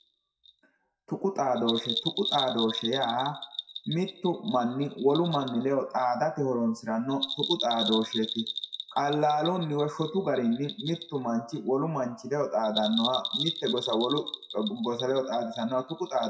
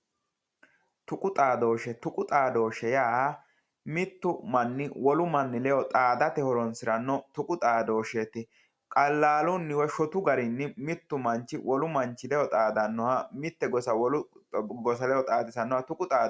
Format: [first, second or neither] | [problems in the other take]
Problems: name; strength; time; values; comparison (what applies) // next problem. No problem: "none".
second | noise reduction (classical method WPE with log-MMSE)